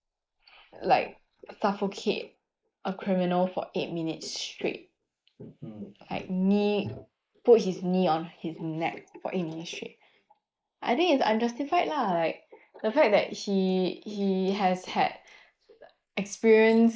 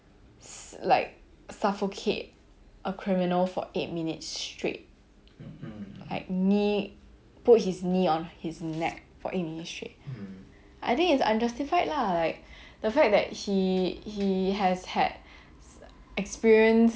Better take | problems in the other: second | noise reduction (neural mask model Resemble Enhance denoiser)

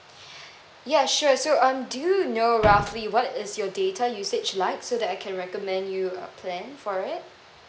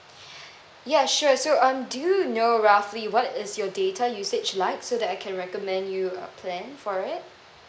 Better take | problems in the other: second | background sound (Slam); 4 dB below the speech

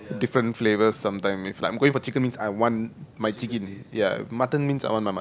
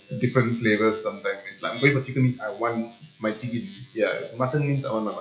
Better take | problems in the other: first | noise reduction (classical method WPE with log-MMSE)

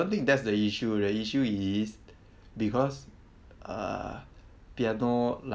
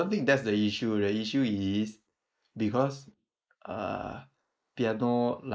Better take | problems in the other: first | noise reduction (neural mask model Resemble Enhance denoiser)

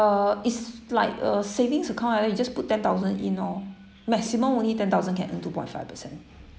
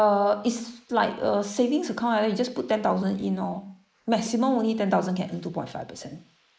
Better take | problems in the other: first | noise reduction (neural mask model Resemble Enhance denoiser)

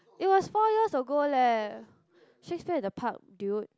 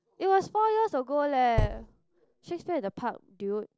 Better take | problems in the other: first | noise reduction (neural separator model SepFormer DNS4)

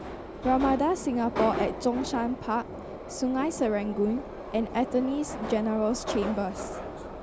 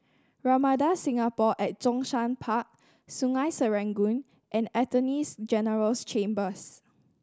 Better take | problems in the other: second | background sound (Subway, metro, underground); 7 dB below the speech

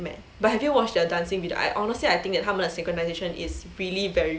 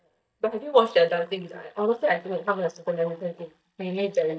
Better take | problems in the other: first | noise reduction (neural mask model DeepFilterNet 3)

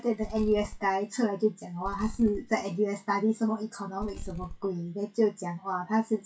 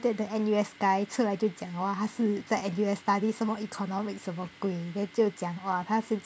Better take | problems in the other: second | noise reduction (classical method WPE with log-MMSE)

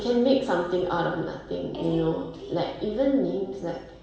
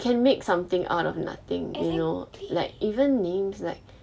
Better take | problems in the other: second | room echo; dies away in 1.1 s

